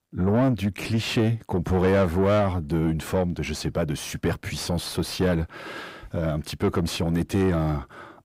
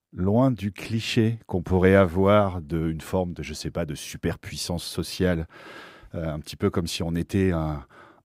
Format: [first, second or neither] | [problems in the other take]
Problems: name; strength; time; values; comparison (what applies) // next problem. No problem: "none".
second | distortion; heavy; 7 dB below the speech